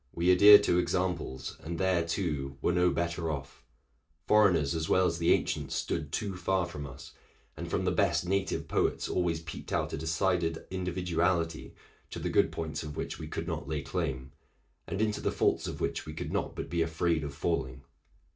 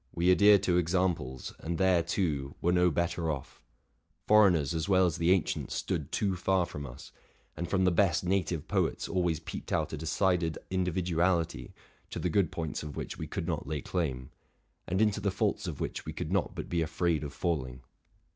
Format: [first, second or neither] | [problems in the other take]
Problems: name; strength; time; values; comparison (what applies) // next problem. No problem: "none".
second | room echo; dies away in 0.2 s